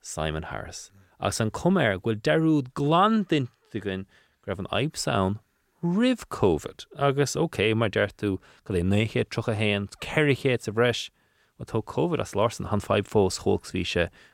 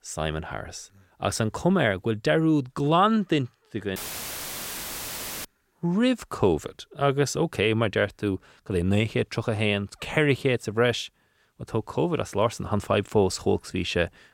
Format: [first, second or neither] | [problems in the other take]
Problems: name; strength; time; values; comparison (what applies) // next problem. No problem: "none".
first | audio cutting out; filled with static; at 4 s for 1.5 s